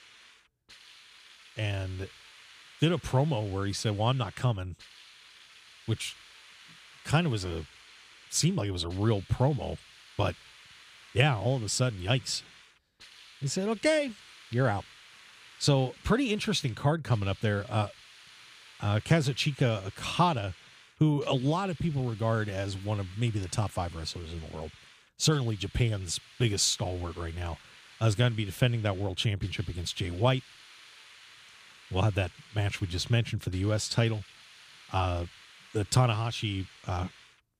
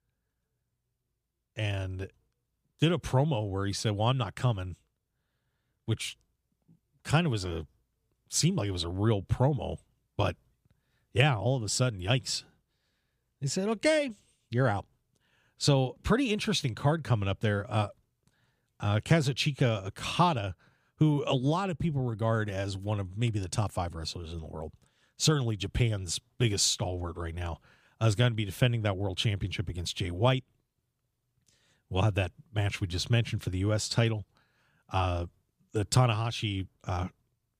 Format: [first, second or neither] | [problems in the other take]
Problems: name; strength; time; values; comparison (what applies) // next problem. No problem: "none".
second | hiss; faint; throughout; 20 dB below the speech